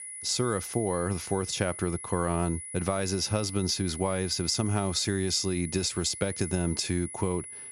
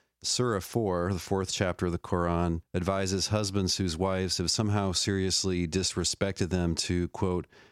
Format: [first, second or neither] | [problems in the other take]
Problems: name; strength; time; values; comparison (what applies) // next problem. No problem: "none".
second | high-pitched whine; loud; throughout; 10 kHz, 9 dB below the speech